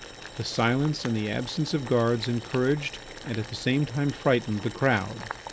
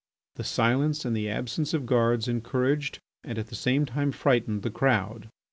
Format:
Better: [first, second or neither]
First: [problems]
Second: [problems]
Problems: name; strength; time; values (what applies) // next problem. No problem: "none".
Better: second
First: background sound (Boiling); 14 dB below the speech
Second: none